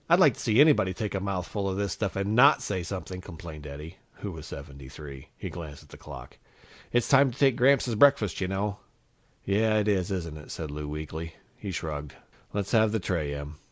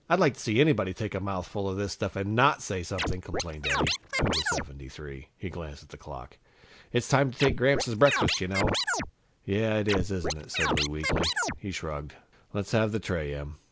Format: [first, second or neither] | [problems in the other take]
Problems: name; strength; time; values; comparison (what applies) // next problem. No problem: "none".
first | background sound (Scratching (performance technique)); as loud as the speech